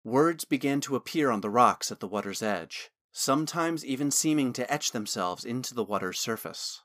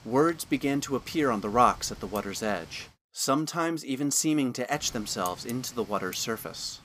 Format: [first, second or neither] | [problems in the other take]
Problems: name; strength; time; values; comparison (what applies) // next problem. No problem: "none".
first | wind noise on the microphone; occasional gusts; until 3 s and from 5 s on; 20 dB below the speech